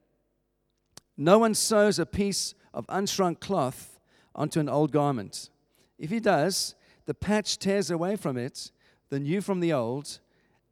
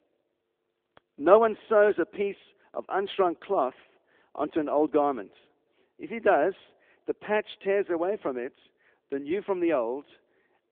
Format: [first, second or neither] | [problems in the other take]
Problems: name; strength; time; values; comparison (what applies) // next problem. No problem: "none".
first | phone-call audio